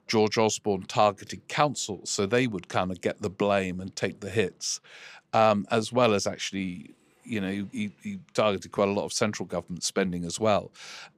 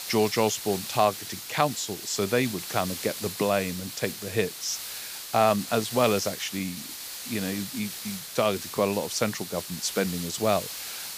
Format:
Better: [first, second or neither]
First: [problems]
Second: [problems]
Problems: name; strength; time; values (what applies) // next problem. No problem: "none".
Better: first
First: none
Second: hiss; loud; throughout; 7 dB below the speech